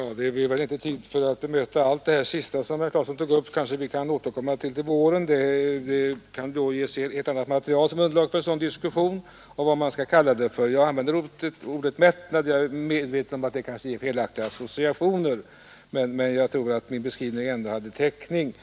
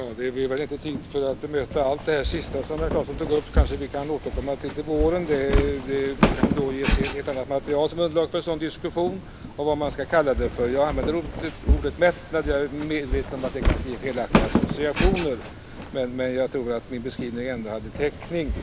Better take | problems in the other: first | background sound (Walk, footsteps); 2 dB below the speech

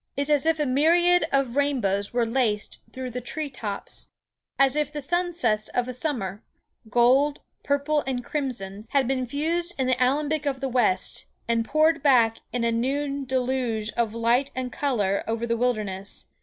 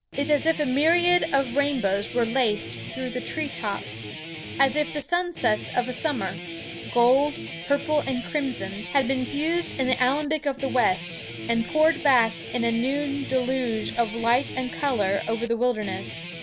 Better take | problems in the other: first | background sound (Guitar); 11 dB below the speech

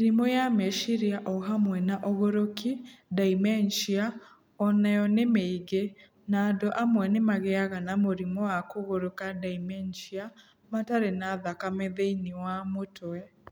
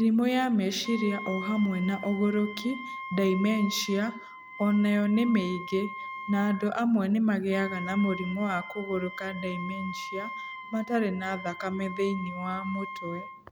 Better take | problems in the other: first | background sound (Wind instrument, woodwind instrument); 12 dB below the speech

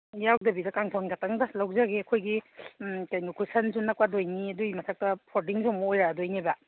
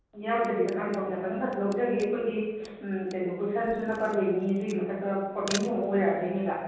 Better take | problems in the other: first | background sound (Camera); 19 dB below the speech // room echo; dies away in 1.3 s

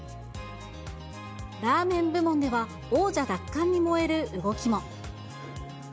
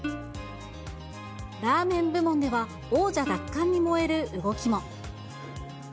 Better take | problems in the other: first | background sound (Plucked string instrument); 15 dB below the speech

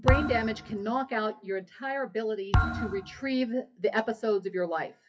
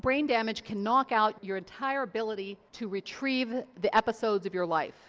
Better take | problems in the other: second | noise reduction (classical method WPE with log-MMSE)

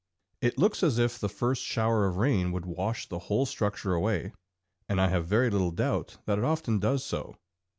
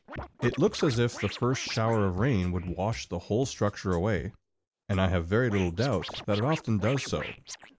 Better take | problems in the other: first | noise reduction (neural mask model Resemble Enhance denoiser)

